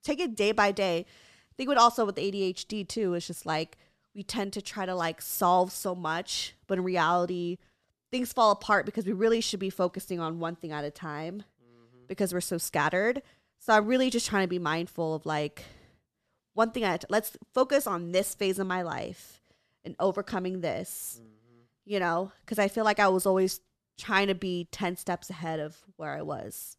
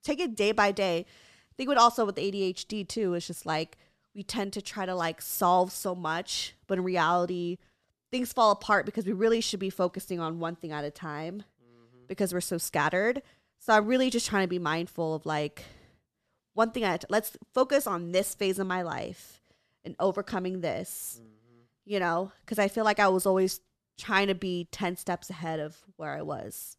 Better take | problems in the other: neither | none

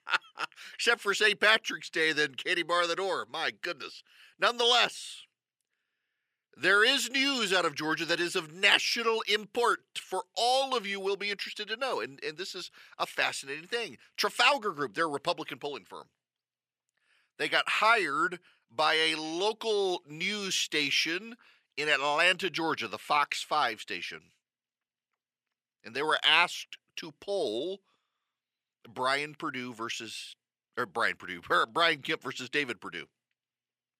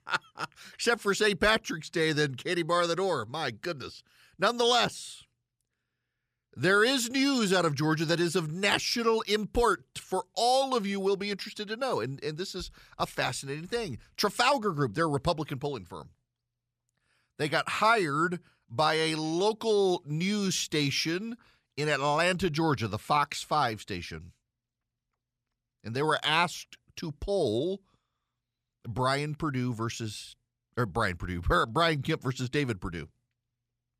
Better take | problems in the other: second | thin; somewhat; fading below 350 Hz

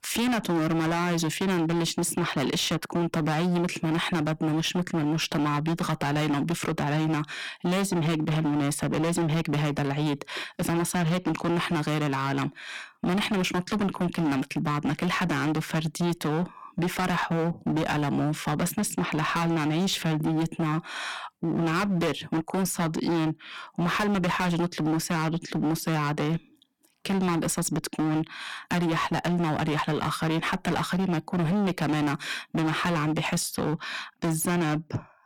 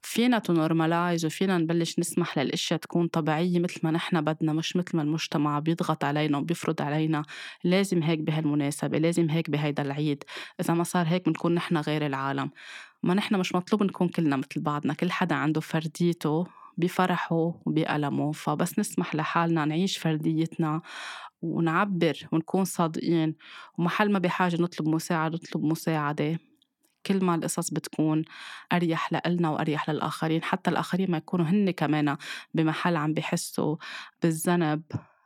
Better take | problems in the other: second | distortion; heavy; 26% of the sound clipped

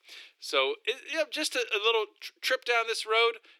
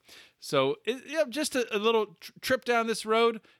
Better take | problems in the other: second | thin; very; fading below 300 Hz

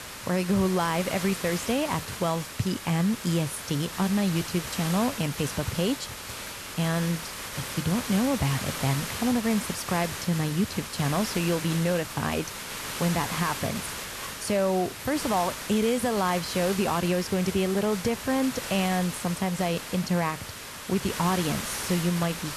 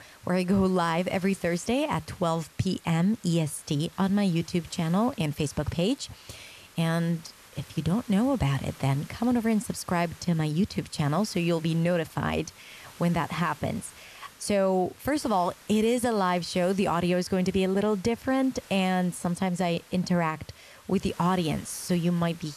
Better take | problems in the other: second | hiss; loud; throughout; 7 dB below the speech; faint in the second

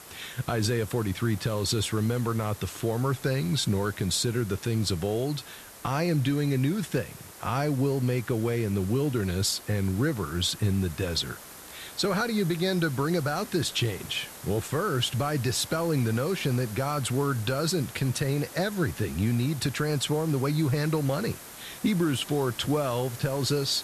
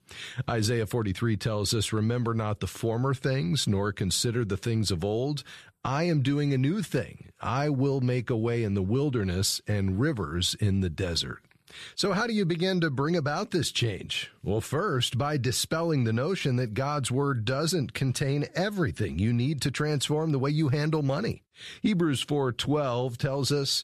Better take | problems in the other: second | hiss; noticeable; throughout; 15 dB below the speech

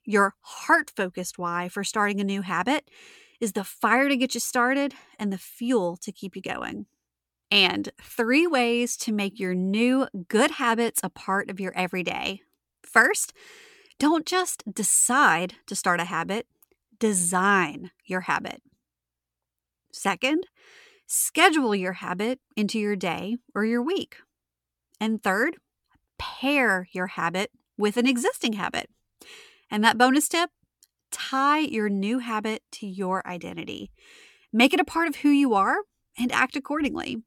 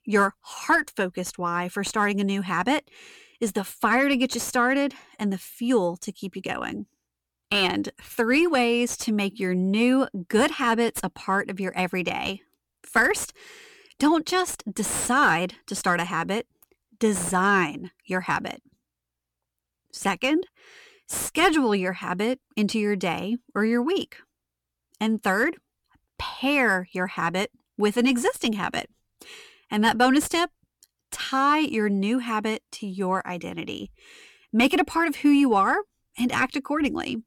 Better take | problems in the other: first | distortion; slight; 10 dB below the speech

